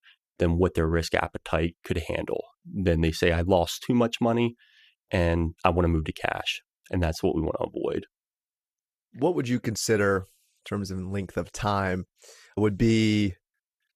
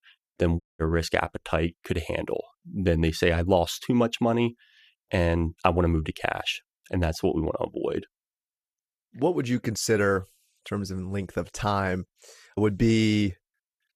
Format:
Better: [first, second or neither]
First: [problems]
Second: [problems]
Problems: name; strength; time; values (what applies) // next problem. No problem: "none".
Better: first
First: none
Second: audio cutting out; at 0.5 s